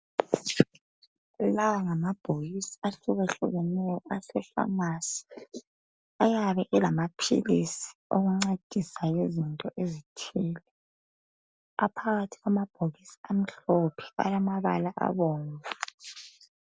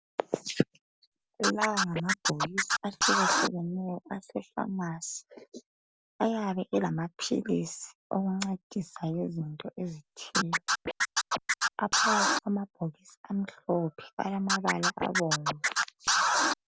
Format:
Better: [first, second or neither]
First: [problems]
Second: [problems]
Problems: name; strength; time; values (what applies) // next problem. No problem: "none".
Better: first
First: none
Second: background sound (Scratching (performance technique)); 4 dB above the speech